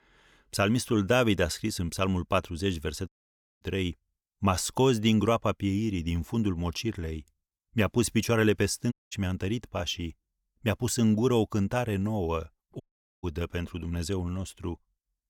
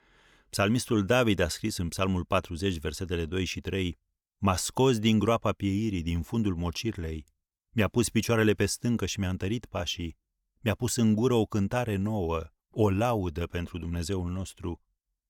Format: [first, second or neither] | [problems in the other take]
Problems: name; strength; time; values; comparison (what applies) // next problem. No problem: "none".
second | audio cutting out; at 3 s for 0.5 s, at 9 s and at 13 s